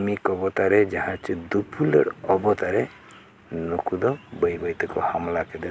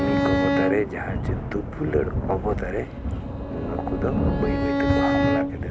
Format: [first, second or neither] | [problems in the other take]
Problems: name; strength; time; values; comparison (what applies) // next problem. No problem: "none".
first | background sound (Bowed string instrument + Thunder / Rain); 5 dB above the speech